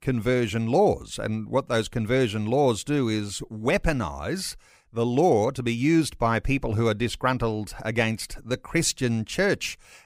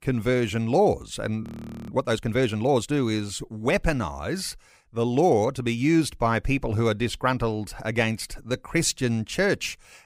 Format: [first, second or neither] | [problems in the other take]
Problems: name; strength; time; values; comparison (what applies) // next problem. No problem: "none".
first | audio freezing; at 1.5 s